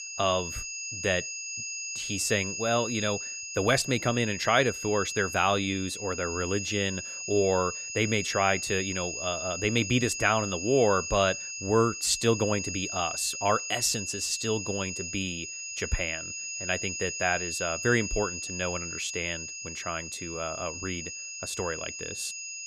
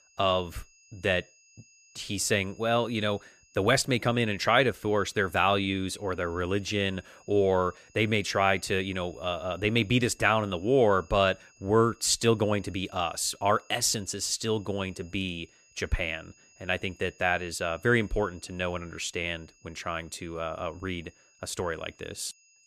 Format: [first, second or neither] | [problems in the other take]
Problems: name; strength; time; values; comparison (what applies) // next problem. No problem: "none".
second | high-pitched whine; loud; throughout; 6.5 kHz, 5 dB below the speech; faint in the second